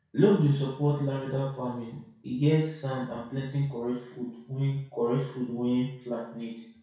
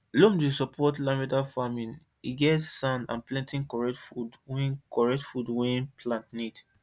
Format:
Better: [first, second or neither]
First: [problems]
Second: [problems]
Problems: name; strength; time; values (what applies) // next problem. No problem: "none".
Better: second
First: room echo; dies away in 0.6 s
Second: none